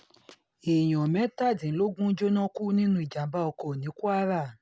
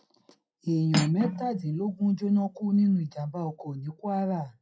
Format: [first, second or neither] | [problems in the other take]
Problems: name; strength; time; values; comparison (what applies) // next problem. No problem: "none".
first | noise reduction (classical method WPE with log-MMSE)